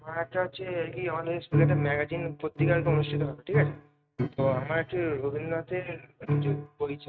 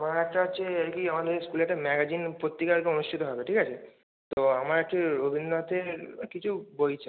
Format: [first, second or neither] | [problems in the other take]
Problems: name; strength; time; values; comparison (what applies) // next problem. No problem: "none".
second | noise reduction (neural mask model RNNoise)